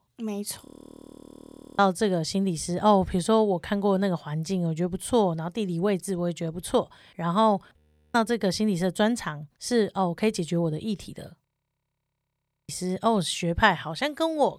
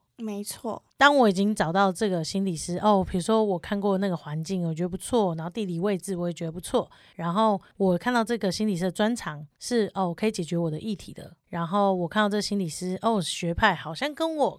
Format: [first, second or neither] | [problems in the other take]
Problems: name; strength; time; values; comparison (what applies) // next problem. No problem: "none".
second | audio freezing; at 0.5 s for 1 s, at 8 s and at 11 s for 1 s